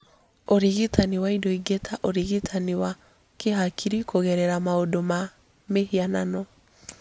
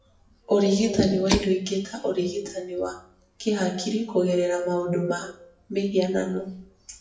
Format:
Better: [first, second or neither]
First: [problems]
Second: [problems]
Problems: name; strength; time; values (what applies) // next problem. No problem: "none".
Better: first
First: none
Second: noise reduction (classical method WPE with log-MMSE)